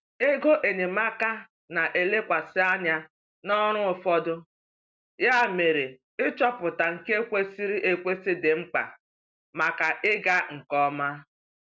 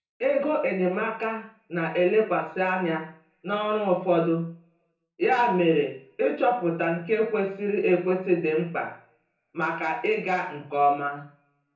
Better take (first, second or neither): first